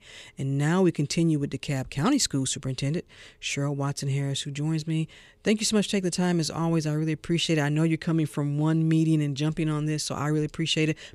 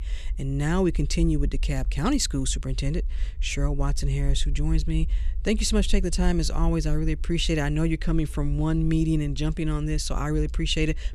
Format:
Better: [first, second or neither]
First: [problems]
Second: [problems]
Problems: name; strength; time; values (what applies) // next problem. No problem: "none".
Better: first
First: none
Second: low rumble; faint; throughout; 25 dB below the speech